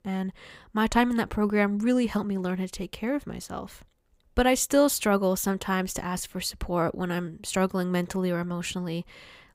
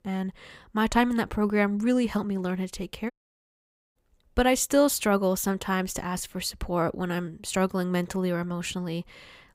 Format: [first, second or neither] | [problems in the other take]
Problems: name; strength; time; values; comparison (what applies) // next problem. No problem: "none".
first | audio cutting out; at 3 s for 1 s